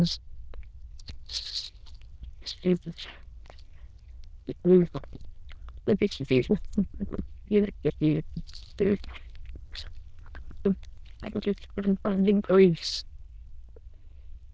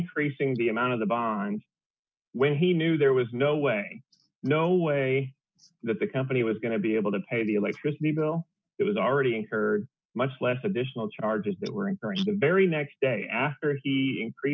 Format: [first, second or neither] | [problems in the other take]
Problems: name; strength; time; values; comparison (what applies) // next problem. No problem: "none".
second | noise reduction (neural diffusion model UNIVERSE++)